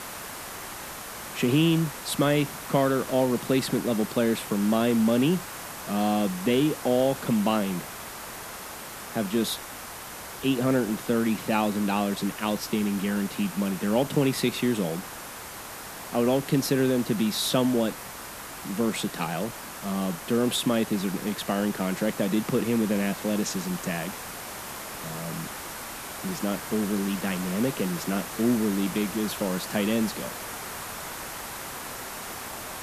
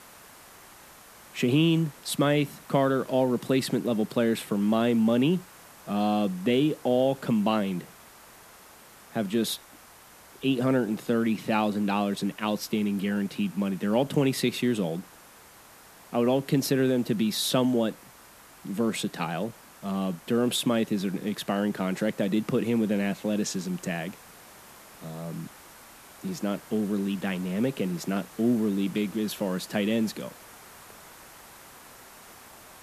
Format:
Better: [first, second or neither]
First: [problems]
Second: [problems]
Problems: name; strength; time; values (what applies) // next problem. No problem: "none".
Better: second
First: hiss; loud; throughout; 10 dB below the speech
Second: hiss; faint; throughout; 20 dB below the speech